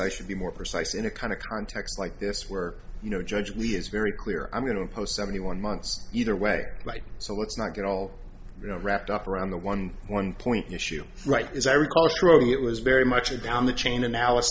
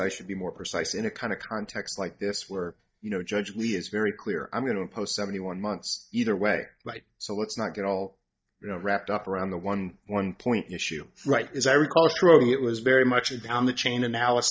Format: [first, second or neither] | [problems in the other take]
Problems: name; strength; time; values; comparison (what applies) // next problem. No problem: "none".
first | noise reduction (neural mask model DeepFilterNet 3)